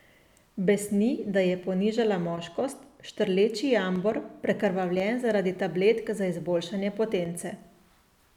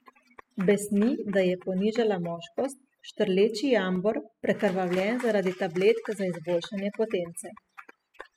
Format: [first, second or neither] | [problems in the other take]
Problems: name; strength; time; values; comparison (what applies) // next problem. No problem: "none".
first | noise reduction (classical method spectral subtraction)